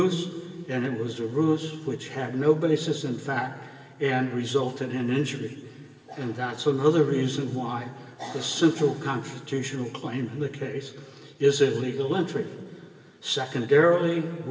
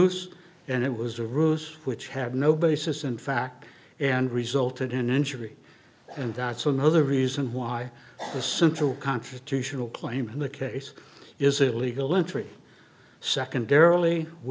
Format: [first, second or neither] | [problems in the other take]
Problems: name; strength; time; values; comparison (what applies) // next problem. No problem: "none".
second | room echo; dies away in 2.2 s